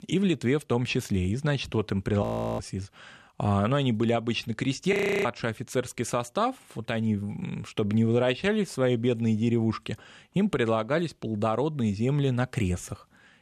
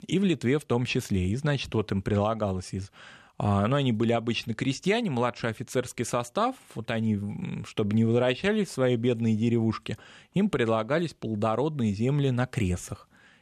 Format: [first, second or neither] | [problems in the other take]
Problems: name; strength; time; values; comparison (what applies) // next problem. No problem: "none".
second | audio freezing; at 2 s and at 5 s